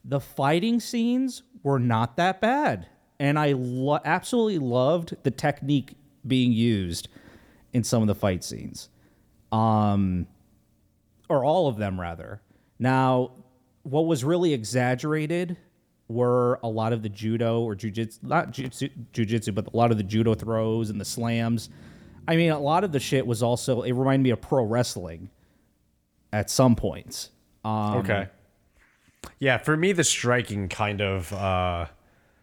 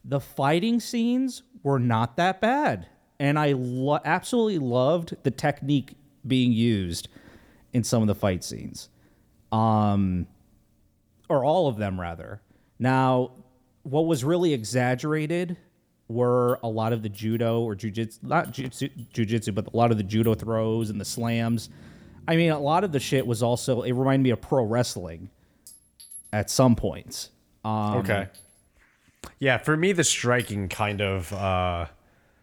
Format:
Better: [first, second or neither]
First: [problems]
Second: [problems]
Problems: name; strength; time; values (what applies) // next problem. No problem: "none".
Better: first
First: none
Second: household noises; faint; throughout; 25 dB below the speech